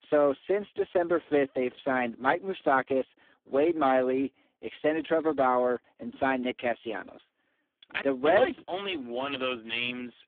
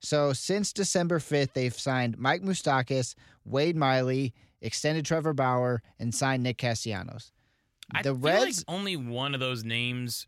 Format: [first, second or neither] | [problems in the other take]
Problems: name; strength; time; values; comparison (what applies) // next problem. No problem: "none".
second | phone-call audio; poor line